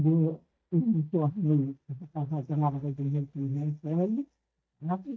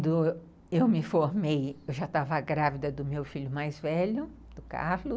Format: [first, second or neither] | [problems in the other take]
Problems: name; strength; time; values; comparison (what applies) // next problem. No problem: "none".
second | noise reduction (neural mask model DeepFilterNet 3)